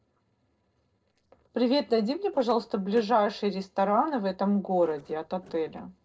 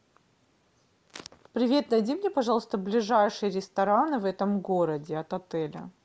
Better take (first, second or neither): second